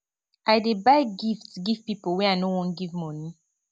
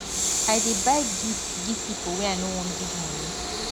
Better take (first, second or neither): first